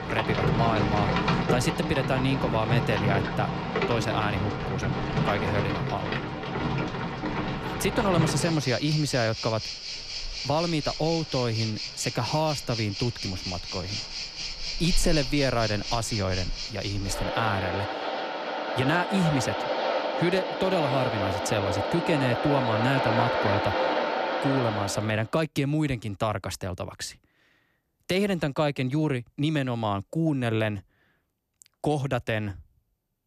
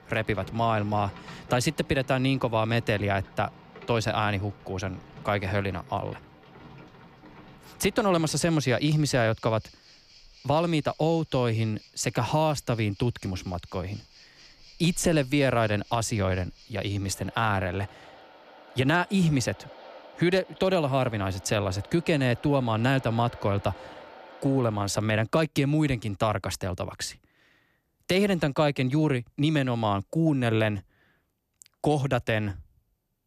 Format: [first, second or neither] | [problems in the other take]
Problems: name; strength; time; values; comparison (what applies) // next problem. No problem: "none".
second | rain or running water; loud; until 25 s; 1 dB below the speech; faint in the second